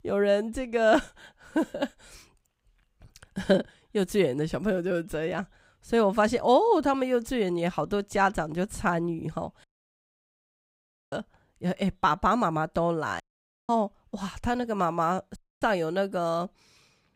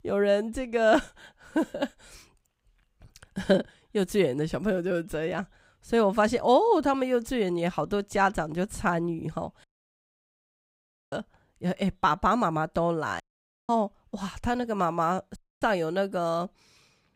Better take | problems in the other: neither | audio cutting out; at 9.5 s for 1.5 s, at 13 s and at 15 s; the same in both

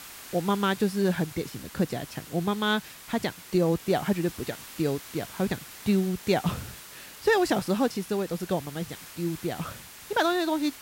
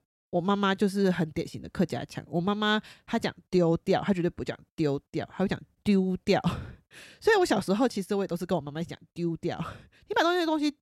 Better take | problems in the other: second | hiss; noticeable; throughout; 15 dB below the speech

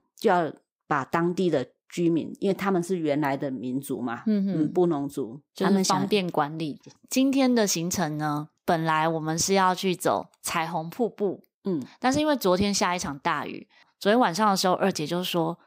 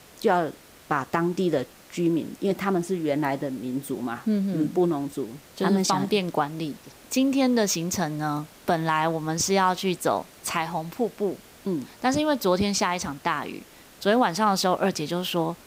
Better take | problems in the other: first | hiss; faint; throughout; 25 dB below the speech

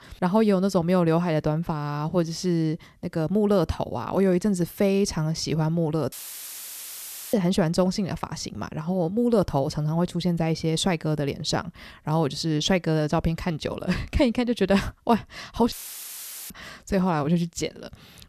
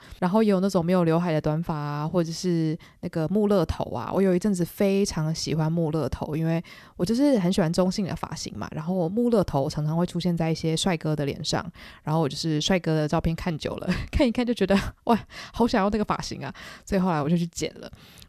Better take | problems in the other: second | audio cutting out; filled with static; at 6 s for 1 s and at 16 s for 1 s

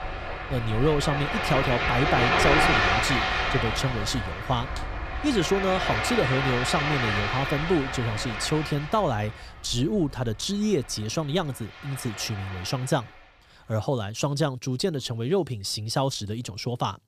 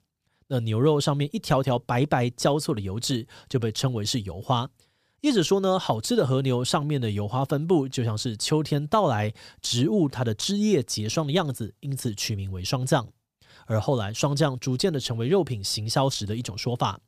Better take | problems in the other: second | rain or running water; very loud; throughout; 1 dB above the speech

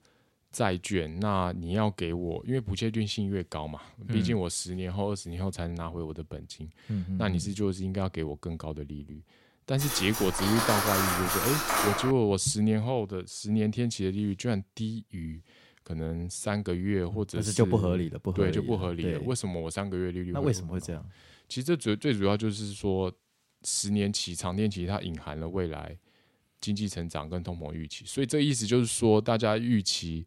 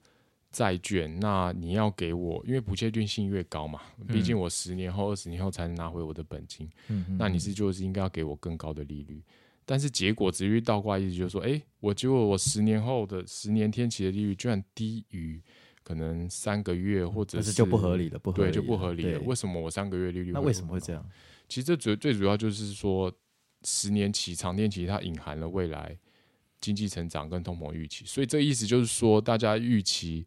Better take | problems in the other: second | clattering dishes; loud; from 10 to 12 s; peak 4 dB above the speech

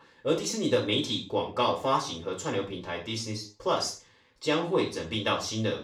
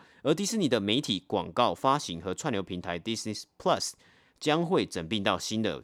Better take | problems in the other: second | room echo; slight; dies away in 0.3 s // off-mic speech; far

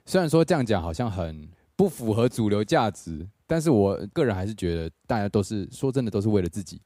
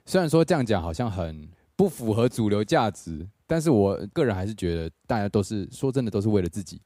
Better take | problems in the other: neither | none

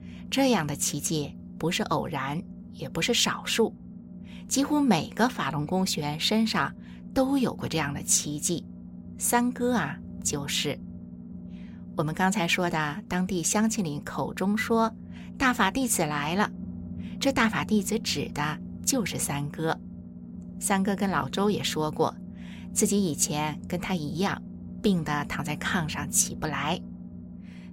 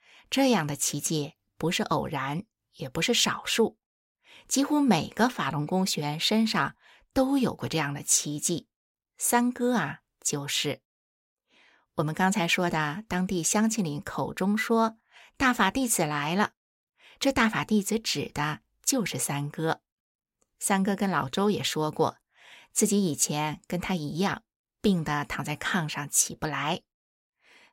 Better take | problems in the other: second | low rumble; faint; throughout; 20 dB below the speech

